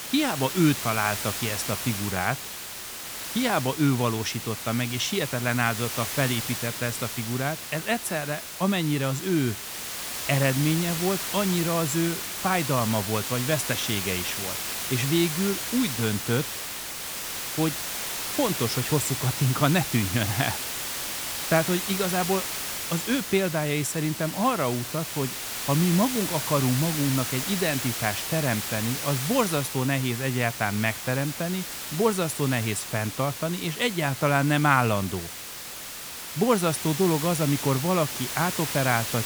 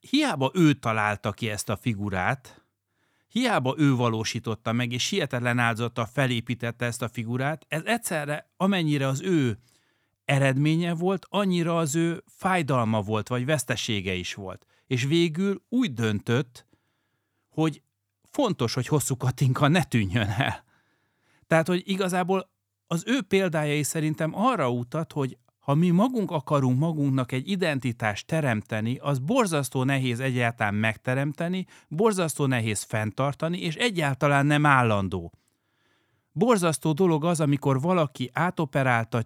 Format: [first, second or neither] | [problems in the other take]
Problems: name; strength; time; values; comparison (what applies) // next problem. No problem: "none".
second | hiss; loud; throughout; 4 dB below the speech